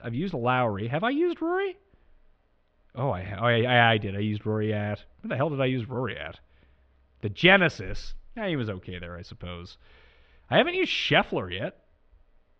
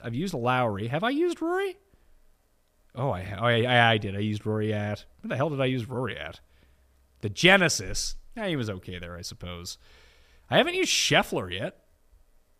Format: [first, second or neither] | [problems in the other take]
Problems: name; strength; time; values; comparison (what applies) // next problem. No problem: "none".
second | muffled; very; fading above 3.5 kHz